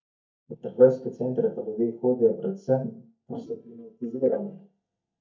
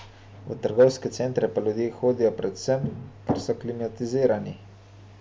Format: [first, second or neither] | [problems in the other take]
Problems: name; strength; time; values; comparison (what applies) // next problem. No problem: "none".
second | noise reduction (neural mask model DeepFilterNet 3)